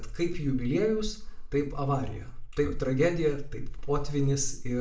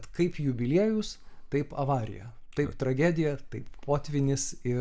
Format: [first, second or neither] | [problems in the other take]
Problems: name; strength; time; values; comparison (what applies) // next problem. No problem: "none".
second | room echo; dies away in 0.4 s